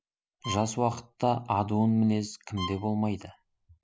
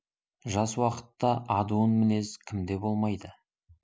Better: second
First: background sound (Bowed string instrument); 14 dB below the speech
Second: none

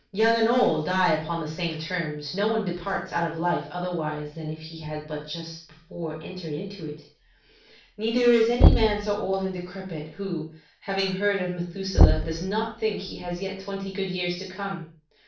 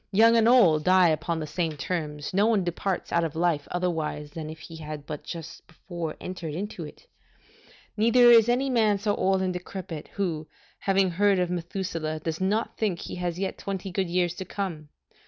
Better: second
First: background sound (Knock); 3 dB above the speech // room echo; dies away in 0.3 s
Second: none

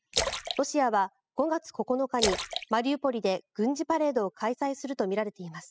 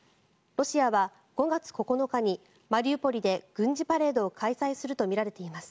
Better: second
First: noise reduction (classical method spectral subtraction)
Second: none

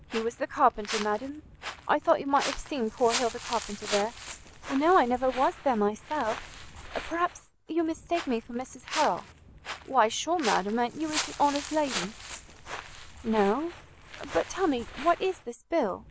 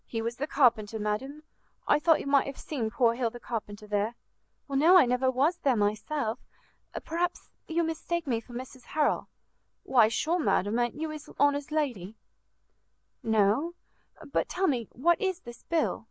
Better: second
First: background sound (Walk, footsteps); 11 dB below the speech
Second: none

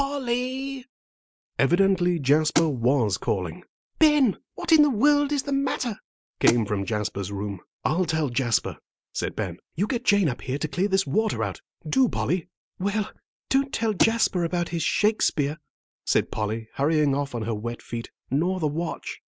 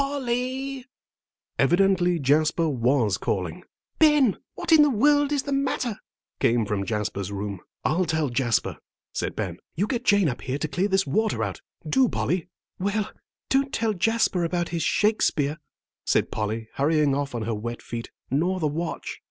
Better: second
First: noise reduction (neural mask model Resemble Enhance denoiser)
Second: none

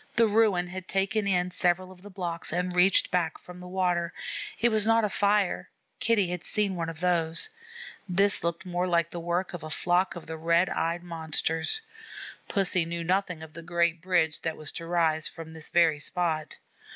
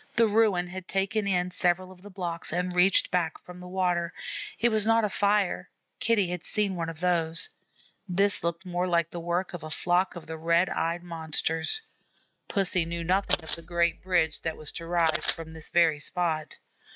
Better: first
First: none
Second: noise reduction (neural mask model RNNoise)

